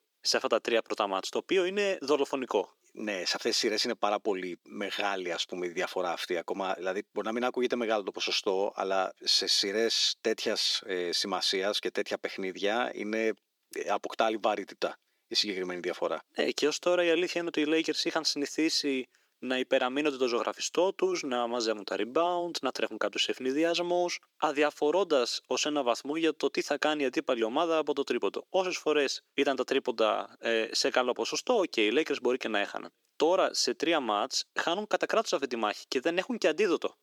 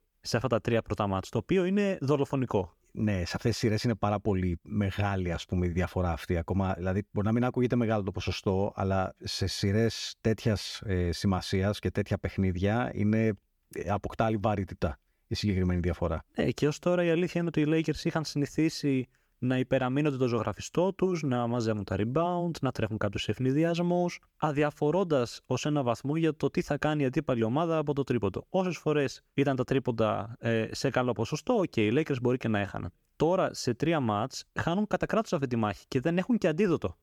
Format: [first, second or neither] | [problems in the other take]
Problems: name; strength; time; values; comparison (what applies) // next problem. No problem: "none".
second | thin; somewhat; fading below 300 Hz